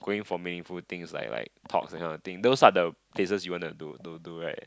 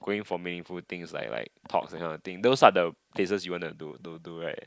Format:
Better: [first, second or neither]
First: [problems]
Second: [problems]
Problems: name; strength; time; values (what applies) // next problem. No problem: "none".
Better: first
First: none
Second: noise reduction (neural mask model Resemble Enhance denoiser)